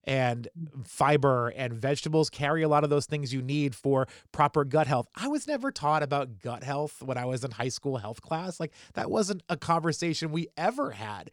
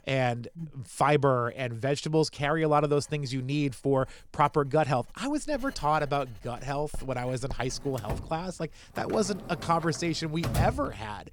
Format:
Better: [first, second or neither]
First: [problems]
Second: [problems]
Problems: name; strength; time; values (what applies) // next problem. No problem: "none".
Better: first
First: none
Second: household noises; noticeable; throughout; 10 dB below the speech